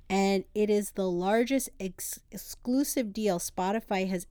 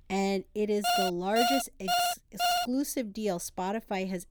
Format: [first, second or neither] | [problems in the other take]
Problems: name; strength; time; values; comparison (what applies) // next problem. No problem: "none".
first | alarm; loud; from 1 to 2.5 s; peak 4 dB above the speech